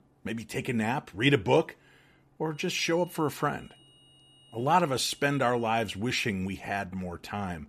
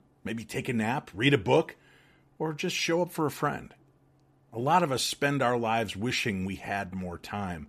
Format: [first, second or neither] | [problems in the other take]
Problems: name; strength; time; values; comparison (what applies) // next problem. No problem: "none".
second | high-pitched whine; faint; from 2.5 to 6 s; 3 kHz, 25 dB below the speech